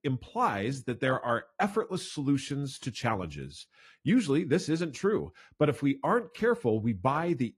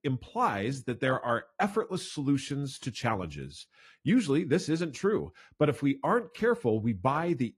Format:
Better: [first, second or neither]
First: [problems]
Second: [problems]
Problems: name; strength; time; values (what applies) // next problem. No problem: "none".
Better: neither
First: garbled, watery; slightly; nothing above 14.5 kHz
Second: garbled, watery; slightly; nothing above 14.5 kHz